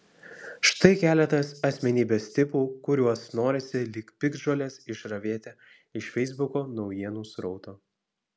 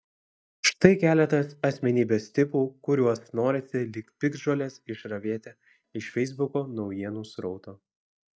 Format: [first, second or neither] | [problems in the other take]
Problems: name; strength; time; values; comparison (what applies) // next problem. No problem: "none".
first | noise reduction (neural mask model DeepFilterNet 3)